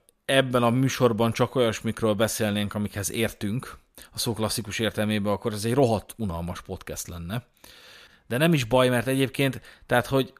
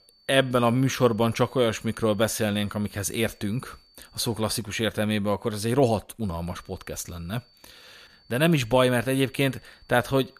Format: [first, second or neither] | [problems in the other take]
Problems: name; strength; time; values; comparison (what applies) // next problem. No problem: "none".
first | high-pitched whine; faint; until 4.5 s and from 6 s on; 4.5 kHz, 30 dB below the speech